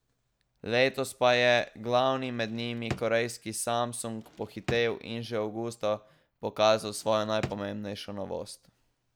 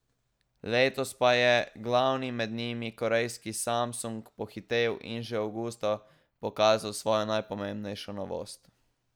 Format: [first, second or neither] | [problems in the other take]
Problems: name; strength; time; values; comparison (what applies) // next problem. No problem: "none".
second | background sound (Drawer open or close); 12 dB below the speech